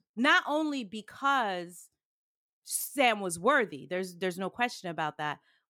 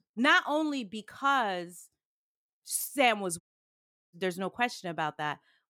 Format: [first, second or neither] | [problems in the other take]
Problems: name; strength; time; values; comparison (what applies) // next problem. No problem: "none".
first | audio cutting out; at 3.5 s for 0.5 s